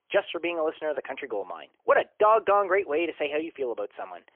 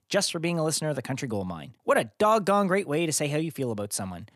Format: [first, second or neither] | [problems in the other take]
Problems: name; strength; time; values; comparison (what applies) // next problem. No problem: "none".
second | phone-call audio; poor line; nothing above 3 kHz